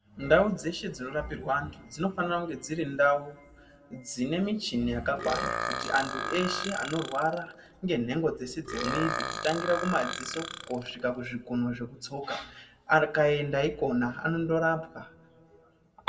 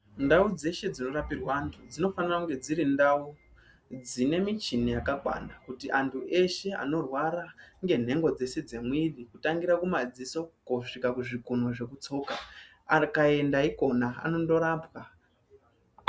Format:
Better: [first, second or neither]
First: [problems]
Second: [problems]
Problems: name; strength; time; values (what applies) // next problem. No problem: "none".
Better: second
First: background sound (Burping, eructation); 6 dB below the speech // room echo; dies away in 1.2 s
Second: none